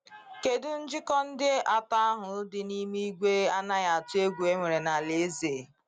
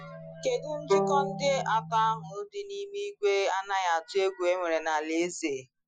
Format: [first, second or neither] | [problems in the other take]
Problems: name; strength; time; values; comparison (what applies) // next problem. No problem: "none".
first | noise reduction (classical method Wiener filter)